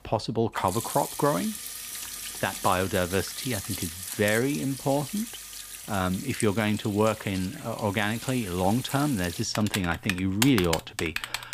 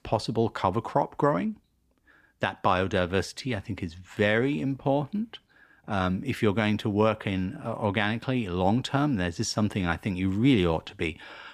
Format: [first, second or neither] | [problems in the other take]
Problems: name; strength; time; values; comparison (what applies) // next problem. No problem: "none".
second | household noises; loud; throughout; 7 dB below the speech